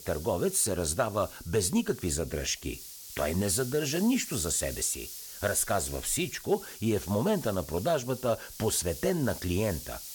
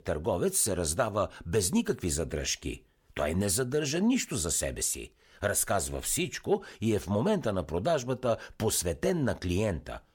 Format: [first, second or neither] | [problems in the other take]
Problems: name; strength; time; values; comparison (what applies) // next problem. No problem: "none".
second | hiss; noticeable; throughout; 10 dB below the speech